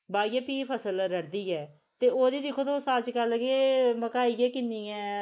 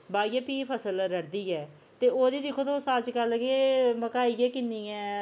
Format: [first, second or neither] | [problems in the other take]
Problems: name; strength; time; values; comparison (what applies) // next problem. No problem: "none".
second | noise reduction (neural mask model Resemble Enhance denoiser)